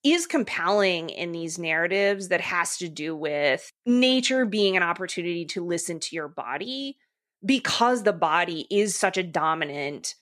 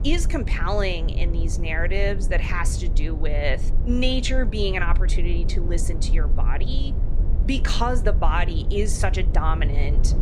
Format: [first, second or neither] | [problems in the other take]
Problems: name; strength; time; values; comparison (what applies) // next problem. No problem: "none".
first | low rumble; noticeable; throughout; 15 dB below the speech